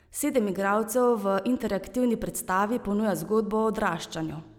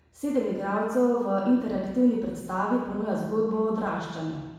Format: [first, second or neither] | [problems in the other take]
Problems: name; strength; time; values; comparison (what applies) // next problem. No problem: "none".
first | room echo; dies away in 1.1 s